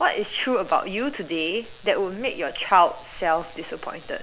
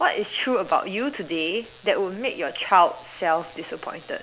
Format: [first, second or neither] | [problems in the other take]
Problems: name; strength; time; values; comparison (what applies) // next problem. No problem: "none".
second | background sound (Thunder / Wind / Bird vocalization, bird call, bird song); 20 dB below the speech